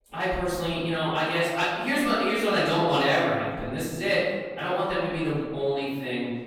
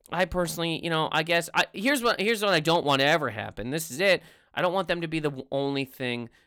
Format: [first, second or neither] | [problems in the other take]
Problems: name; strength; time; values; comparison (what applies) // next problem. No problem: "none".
second | off-mic speech; far // room echo; strong; dies away in 1.4 s